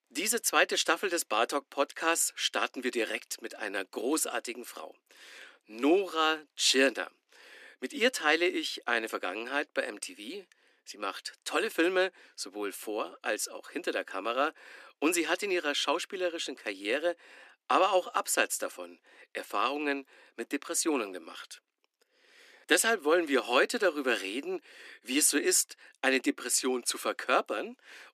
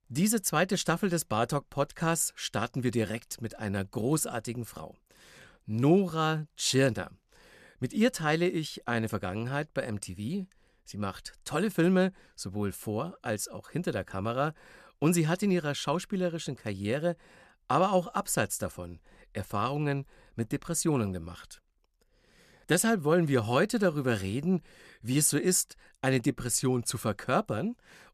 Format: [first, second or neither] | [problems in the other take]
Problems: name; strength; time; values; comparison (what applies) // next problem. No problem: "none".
second | thin; somewhat; fading below 250 Hz